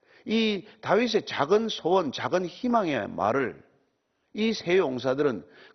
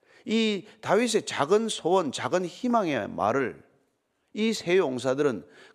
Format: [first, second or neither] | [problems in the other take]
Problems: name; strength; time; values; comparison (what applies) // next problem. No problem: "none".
second | garbled, watery; badly; nothing above 6 kHz